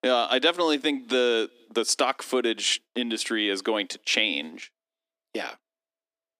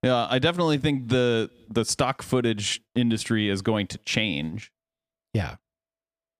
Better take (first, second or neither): second